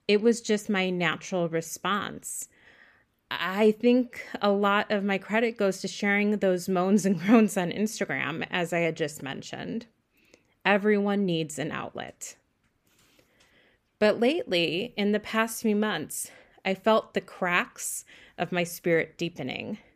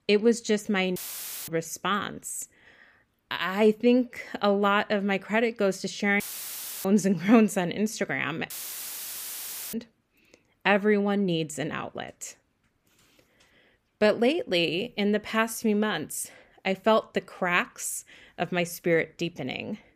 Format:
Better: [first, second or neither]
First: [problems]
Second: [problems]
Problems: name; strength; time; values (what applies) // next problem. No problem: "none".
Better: first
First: none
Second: audio cutting out; filled with static; at 1 s for 0.5 s, at 6 s for 0.5 s and at 8.5 s for 1 s